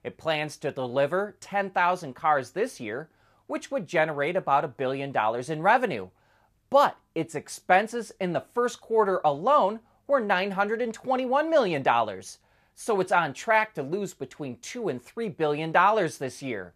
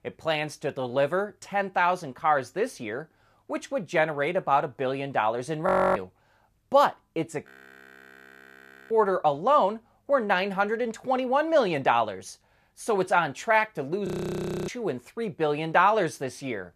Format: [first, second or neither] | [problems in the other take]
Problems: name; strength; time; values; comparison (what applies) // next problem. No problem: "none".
first | audio freezing; at 5.5 s, at 7.5 s for 1.5 s and at 14 s for 0.5 s